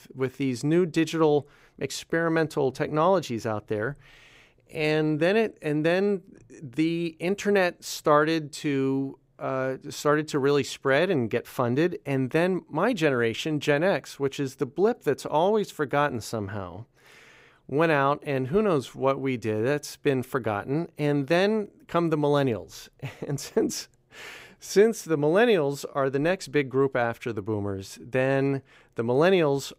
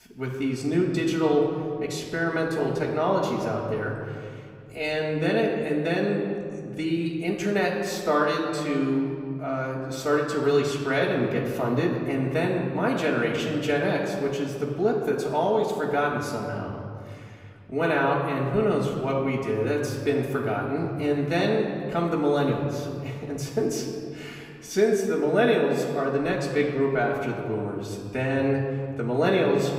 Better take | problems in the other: first | off-mic speech; far // room echo; noticeable; dies away in 2 s

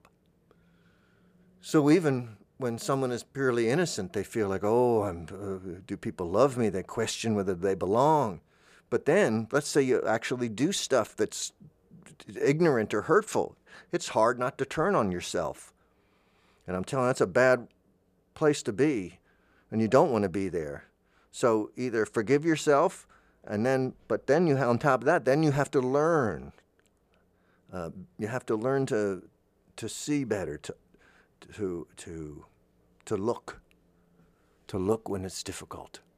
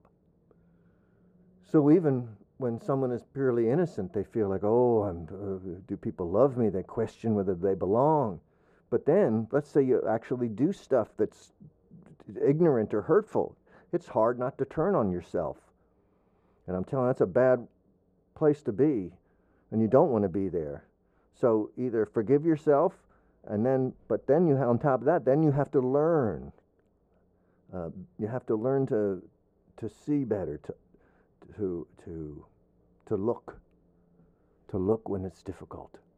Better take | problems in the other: first | muffled; very; fading above 1.5 kHz

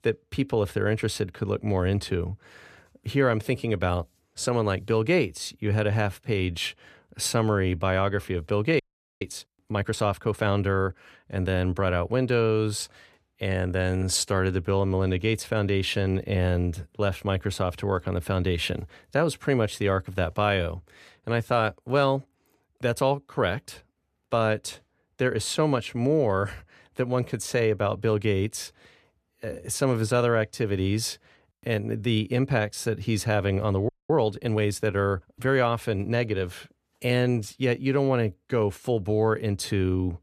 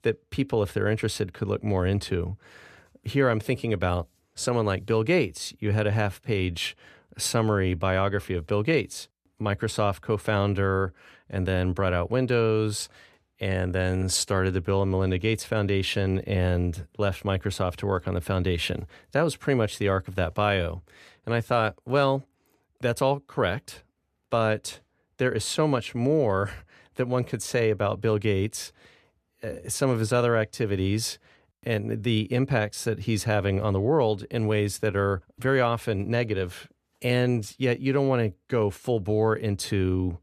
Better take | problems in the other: second | audio freezing; at 9 s and at 34 s

